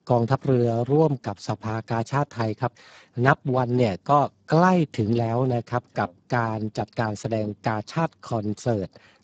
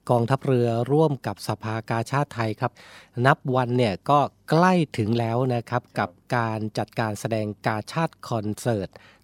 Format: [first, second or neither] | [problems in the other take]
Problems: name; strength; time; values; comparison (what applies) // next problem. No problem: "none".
second | garbled, watery; badly; nothing above 7.5 kHz